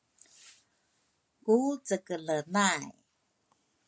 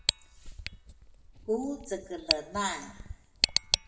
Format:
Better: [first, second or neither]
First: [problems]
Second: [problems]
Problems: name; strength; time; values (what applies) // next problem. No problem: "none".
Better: first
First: none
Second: background sound (Tick); 3 dB above the speech // room echo; dies away in 0.8 s